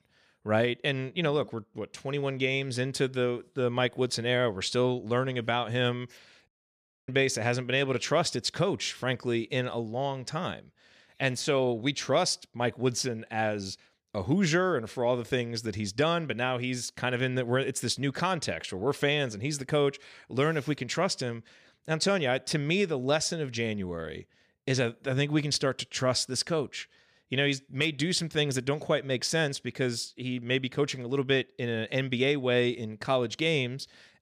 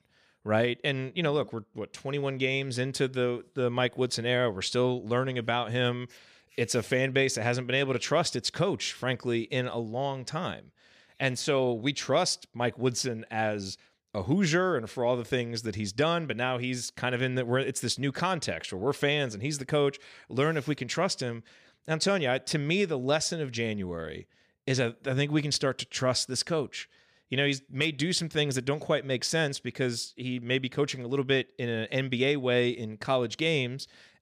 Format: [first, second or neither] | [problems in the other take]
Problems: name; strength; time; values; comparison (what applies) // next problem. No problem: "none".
second | audio cutting out; at 6.5 s for 0.5 s